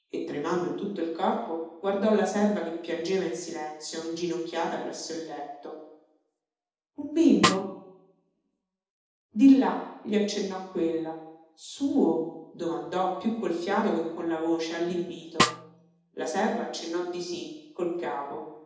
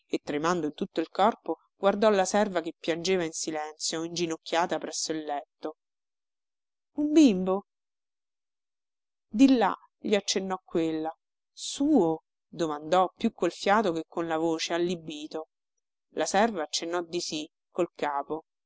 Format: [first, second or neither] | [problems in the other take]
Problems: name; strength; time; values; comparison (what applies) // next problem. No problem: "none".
second | background sound (Snare drum); 2 dB below the speech // room echo; dies away in 0.8 s